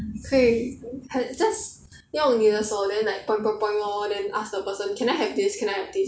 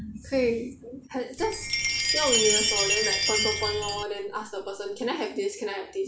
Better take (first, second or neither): first